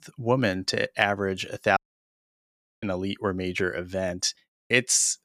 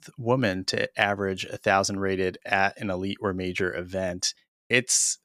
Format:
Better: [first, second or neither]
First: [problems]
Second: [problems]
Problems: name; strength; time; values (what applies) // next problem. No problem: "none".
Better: second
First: audio cutting out; at 2 s for 1 s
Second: none